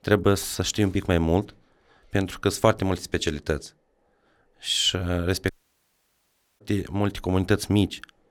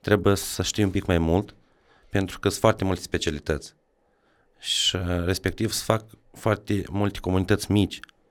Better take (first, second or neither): second